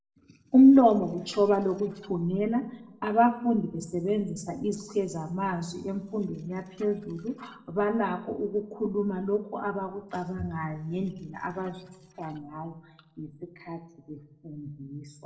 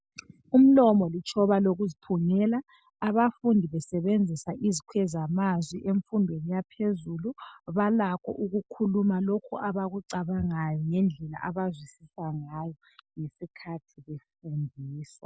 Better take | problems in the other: second | noise reduction (neural separator model SepFormer DNS4)

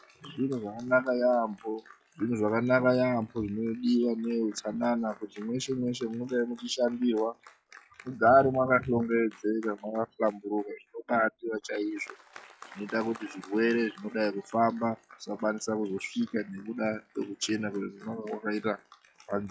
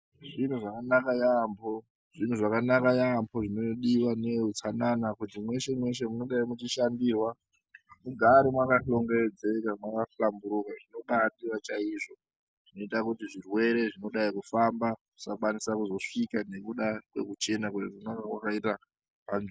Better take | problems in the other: second | noise reduction (classical method log-MMSE)

